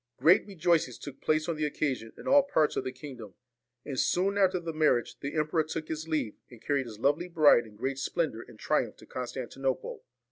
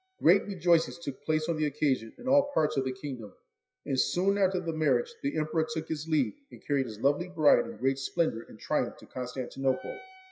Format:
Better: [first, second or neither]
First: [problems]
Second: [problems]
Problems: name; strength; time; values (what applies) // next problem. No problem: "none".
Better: first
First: none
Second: noise reduction (classical method WPE with log-MMSE)